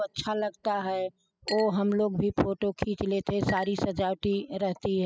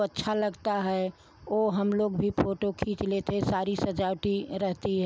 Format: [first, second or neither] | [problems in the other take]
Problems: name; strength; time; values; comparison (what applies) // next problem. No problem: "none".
second | noise reduction (classical method spectral subtraction)